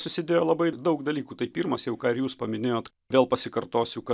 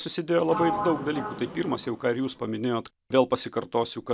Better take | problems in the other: first | background sound (Sliding door); 7 dB below the speech

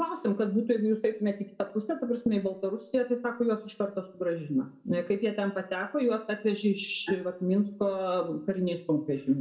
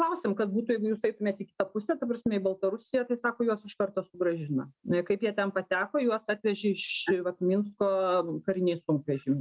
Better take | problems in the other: second | room echo; dies away in 0.4 s

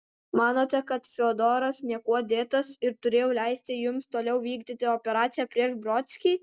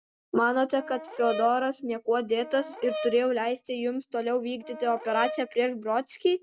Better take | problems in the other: first | background sound (Brass instrument); 11 dB below the speech

